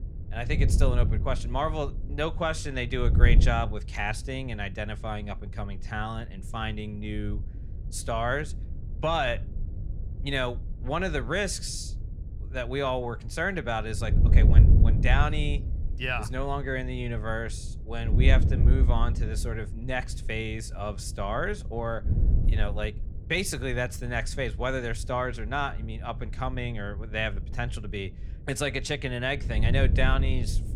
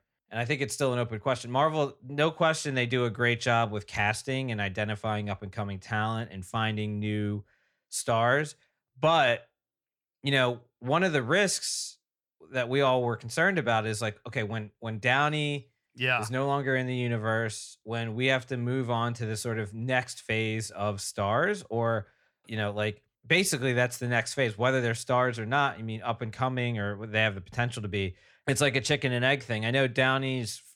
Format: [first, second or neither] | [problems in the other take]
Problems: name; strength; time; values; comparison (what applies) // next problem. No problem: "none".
second | wind noise on the microphone; occasional gusts; 15 dB below the speech